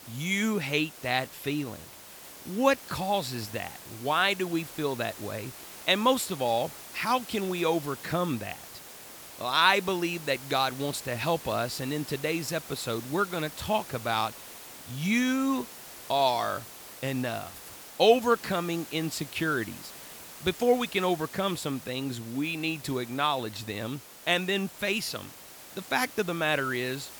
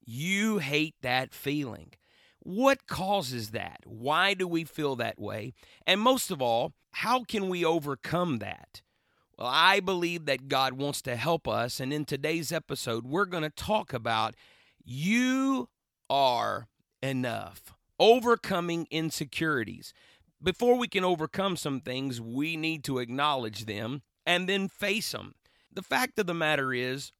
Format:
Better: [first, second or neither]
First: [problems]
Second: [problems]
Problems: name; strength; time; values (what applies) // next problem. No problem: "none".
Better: second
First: hiss; noticeable; throughout; 15 dB below the speech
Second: none